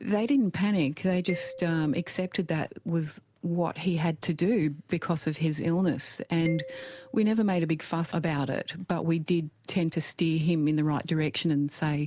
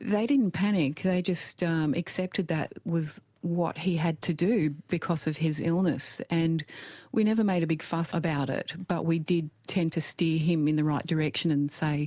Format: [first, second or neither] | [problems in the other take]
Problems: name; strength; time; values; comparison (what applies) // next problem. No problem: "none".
second | background sound (Marimba, xylophone); 19 dB below the speech